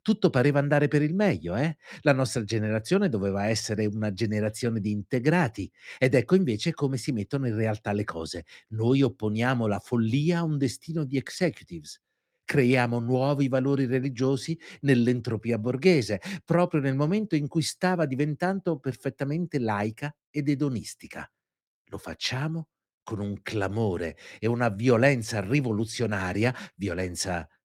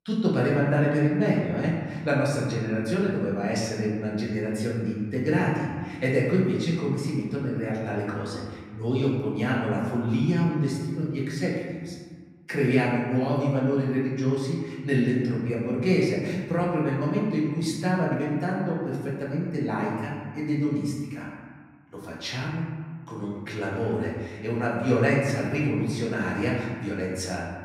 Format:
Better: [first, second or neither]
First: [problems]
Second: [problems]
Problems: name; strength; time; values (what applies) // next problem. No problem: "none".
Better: first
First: none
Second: room echo; noticeable; dies away in 1.5 s // off-mic speech; far